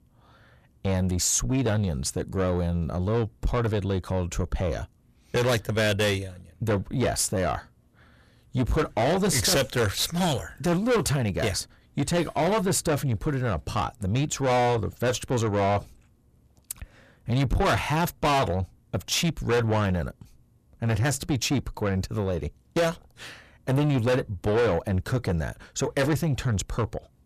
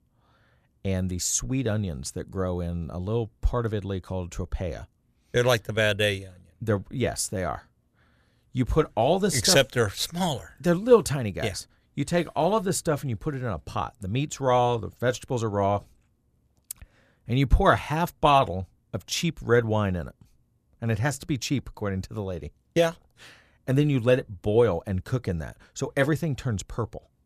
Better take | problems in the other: second | distortion; heavy; 6 dB below the speech

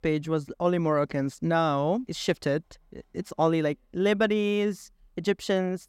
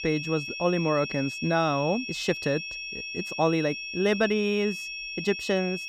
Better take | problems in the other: first | high-pitched whine; loud; throughout; 2.5 kHz, 6 dB below the speech

